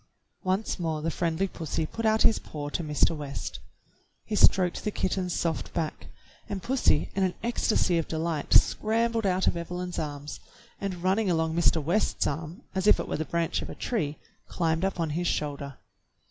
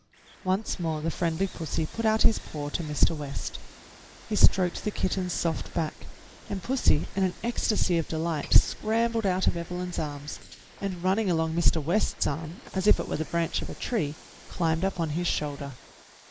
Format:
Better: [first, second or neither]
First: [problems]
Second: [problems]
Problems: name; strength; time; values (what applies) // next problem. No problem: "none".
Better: first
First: none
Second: noise reduction (neural mask model Resemble Enhance denoiser)